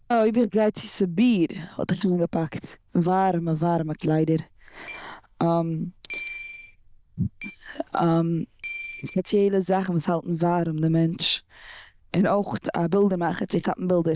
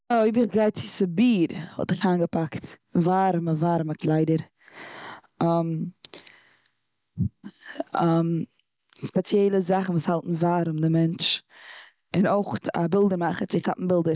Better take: second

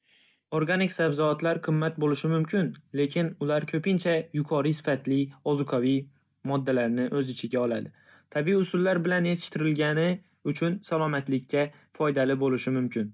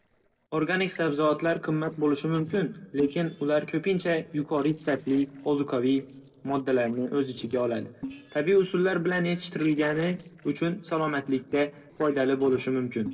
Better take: first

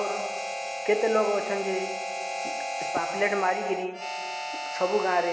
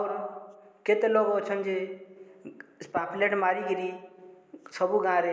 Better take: second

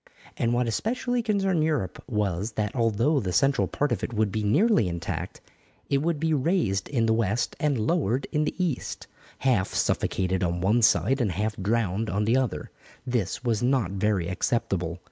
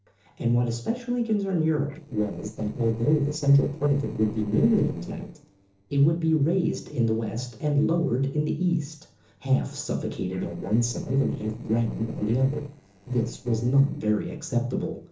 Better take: first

